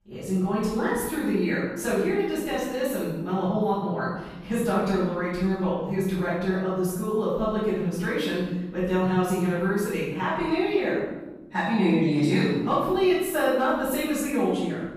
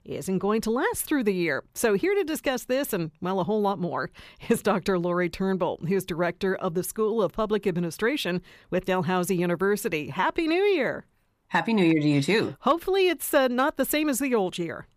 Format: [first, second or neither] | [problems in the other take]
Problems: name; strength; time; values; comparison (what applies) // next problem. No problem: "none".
second | off-mic speech; far // room echo; strong; dies away in 1.1 s